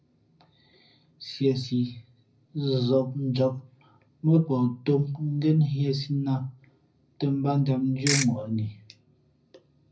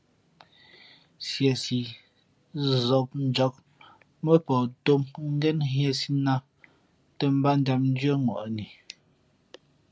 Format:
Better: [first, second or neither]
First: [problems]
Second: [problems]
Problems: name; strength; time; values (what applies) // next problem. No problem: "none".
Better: second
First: background sound (Ratchet, pawl / Percussion); 1 dB below the speech // room echo; dies away in 0.4 s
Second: none